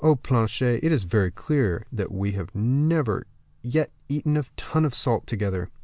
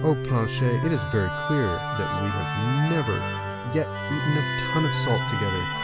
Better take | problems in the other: first | background sound (Musical instrument); 2 dB below the speech

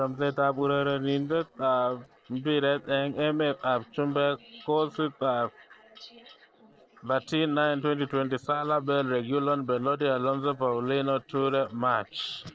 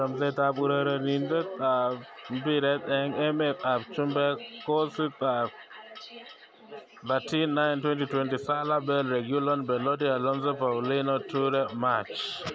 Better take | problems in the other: second | noise reduction (neural separator model SepFormer DNS4)

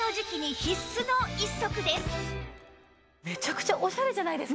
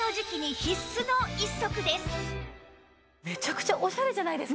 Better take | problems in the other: second | background sound (Car); 19 dB below the speech

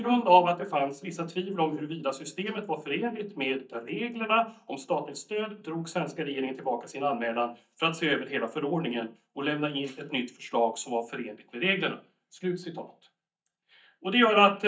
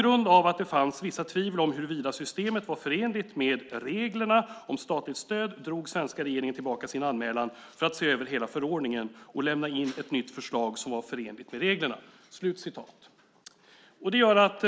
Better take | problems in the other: second | noise reduction (neural mask model DeepFilterNet 3)

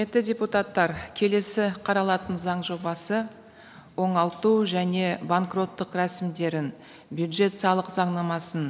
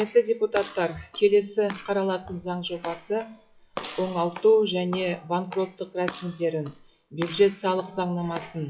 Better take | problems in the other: first | noise reduction (classical method WPE with log-MMSE)

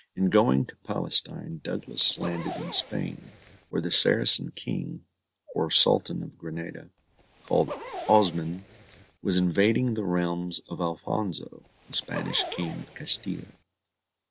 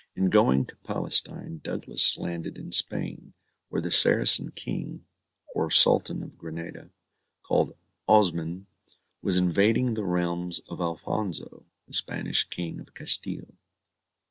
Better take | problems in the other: second | background sound (Zipper (clothing)); 13 dB below the speech

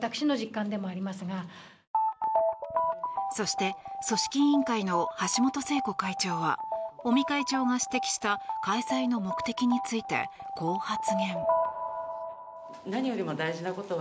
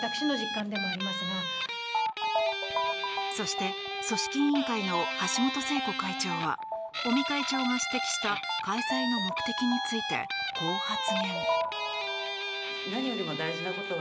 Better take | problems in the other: first | background sound (Guitar); 3 dB below the speech

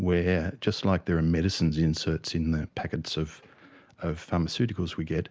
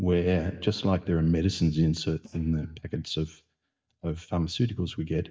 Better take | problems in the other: first | noise reduction (neural mask model DeepFilterNet 3)

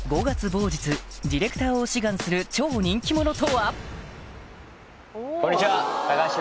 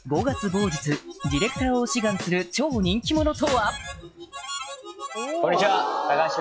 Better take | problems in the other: first | noise reduction (classical method log-MMSE)

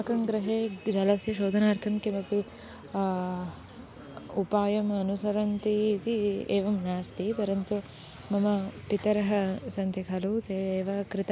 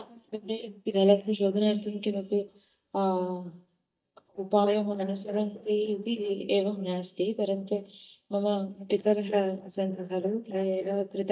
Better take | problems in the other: first | noise reduction (neural mask model DeepFilterNet 3)

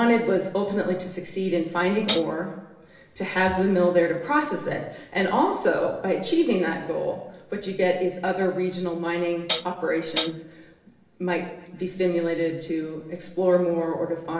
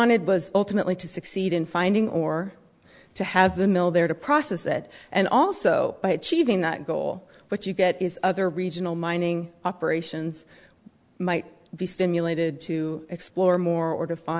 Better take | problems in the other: second | background sound (Hi-hat); 4 dB below the speech // room echo; dies away in 0.9 s

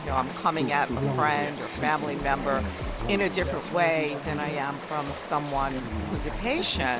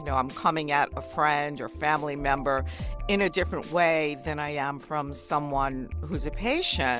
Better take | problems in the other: second | background sound (Chatter / Stream); 6 dB below the speech

